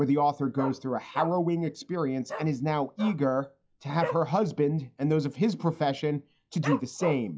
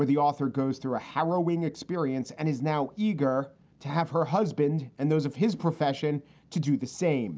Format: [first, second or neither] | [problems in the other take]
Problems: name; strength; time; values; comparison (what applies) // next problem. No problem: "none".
second | noise reduction (classical method log-MMSE)